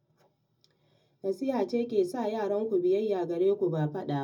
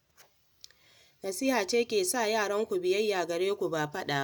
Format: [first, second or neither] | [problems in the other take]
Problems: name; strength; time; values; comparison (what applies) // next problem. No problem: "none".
second | room echo; dies away in 0.4 s